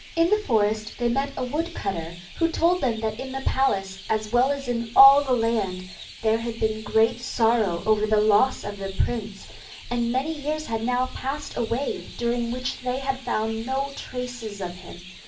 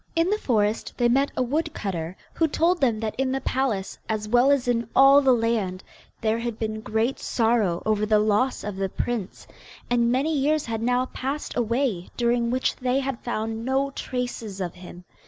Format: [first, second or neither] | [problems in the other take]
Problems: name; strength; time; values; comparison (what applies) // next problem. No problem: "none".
second | background sound (Chirp, tweet); 19 dB below the speech // room echo; dies away in 0.3 s